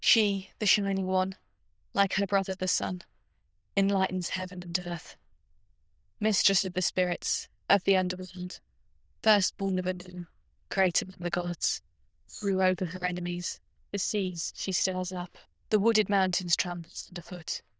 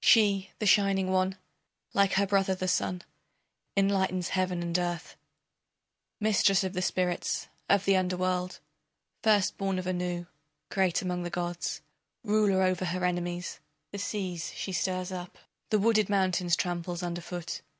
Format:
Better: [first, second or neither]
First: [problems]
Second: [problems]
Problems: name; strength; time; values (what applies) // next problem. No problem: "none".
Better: second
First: noise reduction (neural diffusion model UNIVERSE++)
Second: none